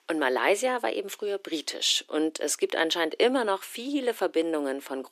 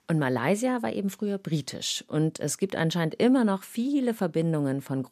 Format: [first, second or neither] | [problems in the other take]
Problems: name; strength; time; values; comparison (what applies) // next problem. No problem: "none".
second | thin; somewhat; fading below 300 Hz